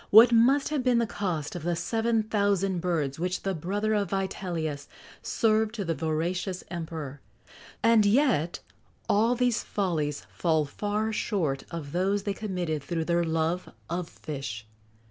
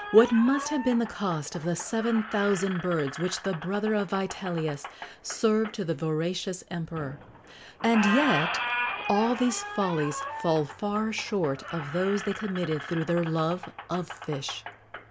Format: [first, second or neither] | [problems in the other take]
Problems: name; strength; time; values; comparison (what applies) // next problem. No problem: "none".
first | background sound (Squeak); 9 dB below the speech